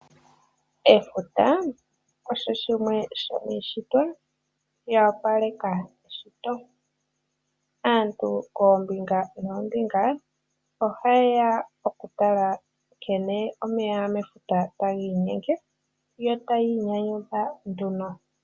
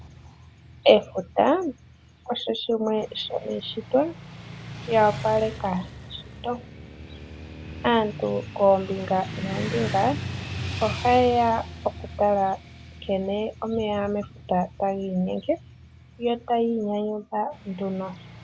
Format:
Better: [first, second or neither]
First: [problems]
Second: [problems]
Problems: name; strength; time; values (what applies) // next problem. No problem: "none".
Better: first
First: none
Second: background sound (Motorcycle / Traffic noise, roadway noise); 12 dB below the speech